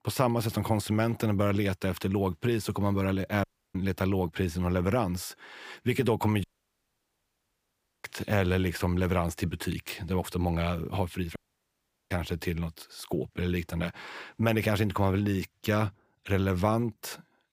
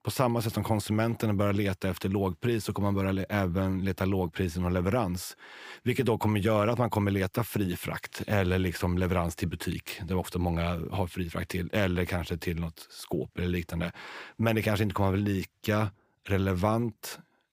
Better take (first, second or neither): second